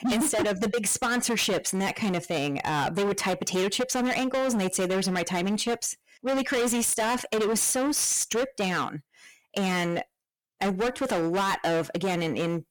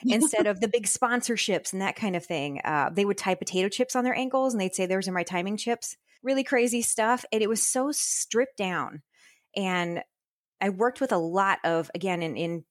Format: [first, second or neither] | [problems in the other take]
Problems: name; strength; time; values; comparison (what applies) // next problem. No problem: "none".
second | distortion; heavy; 25% of the sound clipped